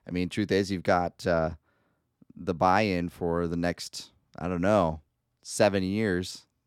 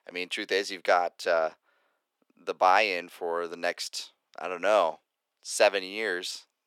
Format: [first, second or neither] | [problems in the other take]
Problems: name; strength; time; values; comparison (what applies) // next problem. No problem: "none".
first | thin; very; fading below 500 Hz